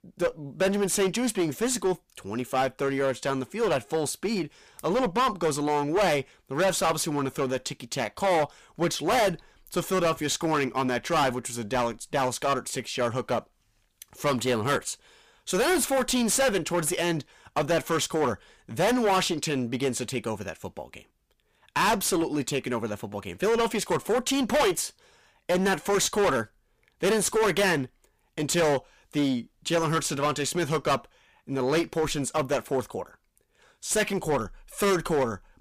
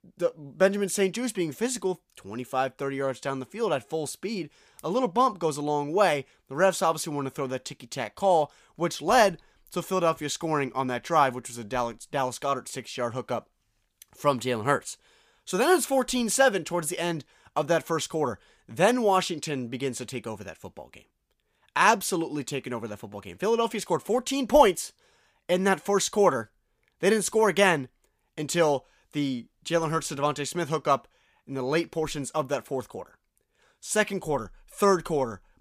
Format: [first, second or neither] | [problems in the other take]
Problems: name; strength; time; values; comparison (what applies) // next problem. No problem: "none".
second | distortion; heavy; 13% of the sound clipped